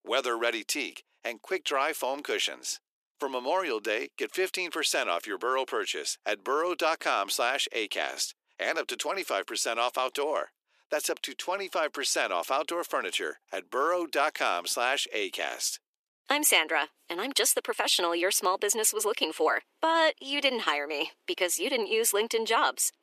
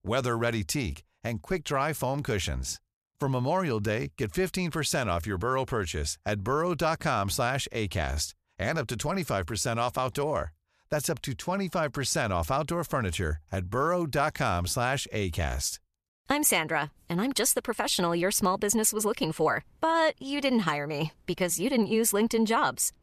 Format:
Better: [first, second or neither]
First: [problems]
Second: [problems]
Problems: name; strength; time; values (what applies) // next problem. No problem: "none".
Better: second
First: thin; very; fading below 300 Hz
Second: none